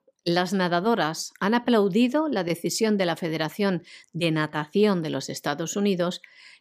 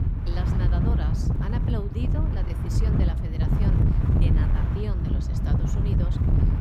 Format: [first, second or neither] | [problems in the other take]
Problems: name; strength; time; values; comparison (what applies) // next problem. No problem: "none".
first | wind noise on the microphone; heavy; 4 dB above the speech